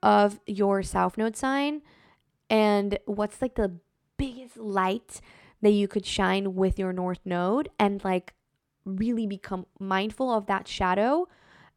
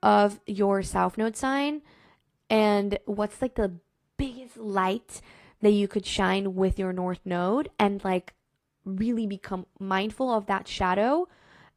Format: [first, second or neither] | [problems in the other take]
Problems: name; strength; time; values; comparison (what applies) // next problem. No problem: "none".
first | garbled, watery; slightly